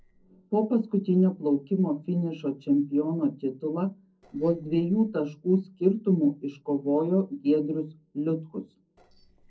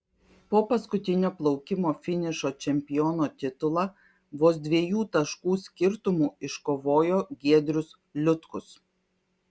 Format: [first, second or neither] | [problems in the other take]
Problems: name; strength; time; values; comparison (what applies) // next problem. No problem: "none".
second | noise reduction (neural separator model SepFormer DNS4)